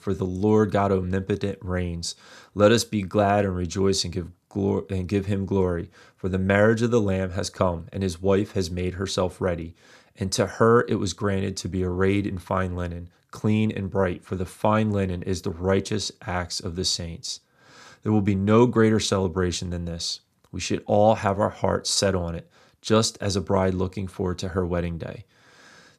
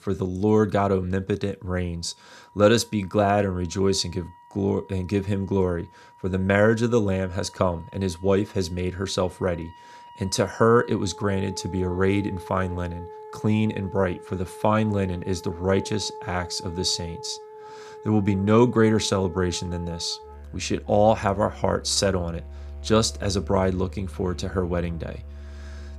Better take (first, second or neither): first